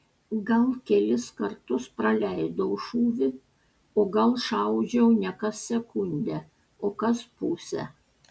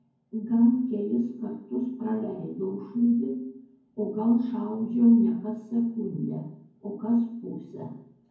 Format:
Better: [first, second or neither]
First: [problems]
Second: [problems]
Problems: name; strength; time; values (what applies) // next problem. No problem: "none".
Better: first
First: none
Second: room echo; dies away in 0.9 s